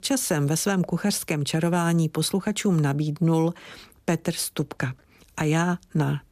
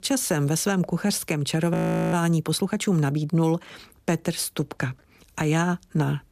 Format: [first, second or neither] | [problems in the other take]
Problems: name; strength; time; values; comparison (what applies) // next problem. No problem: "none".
first | audio freezing; at 1.5 s